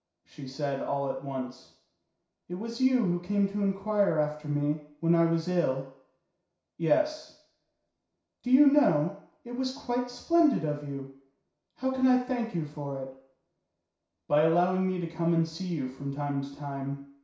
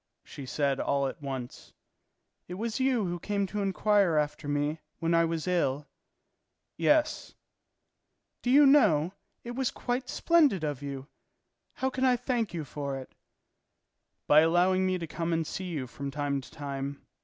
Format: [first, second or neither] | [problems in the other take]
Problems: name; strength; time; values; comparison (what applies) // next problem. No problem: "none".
second | room echo; dies away in 0.6 s